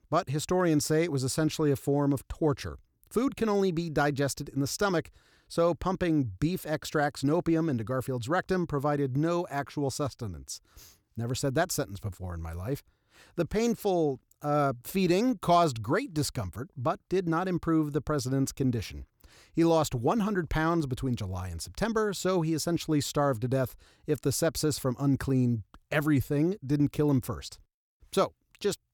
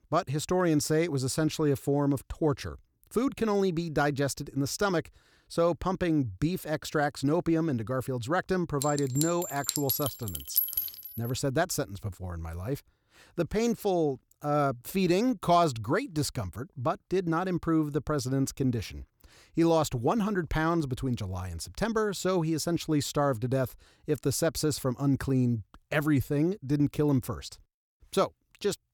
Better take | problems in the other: first | clattering dishes; loud; from 9 to 11 s; peak 3 dB above the speech

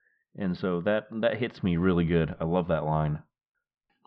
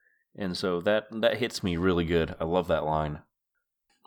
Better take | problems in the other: second | muffled; very; fading above 3 kHz

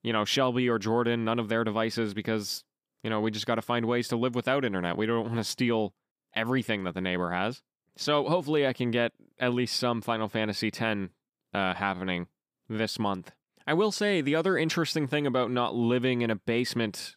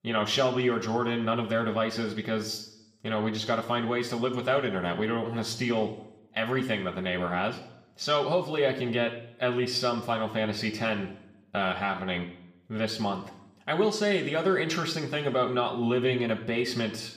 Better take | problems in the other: first | room echo; slight; dies away in 0.6 s // off-mic speech; somewhat distant

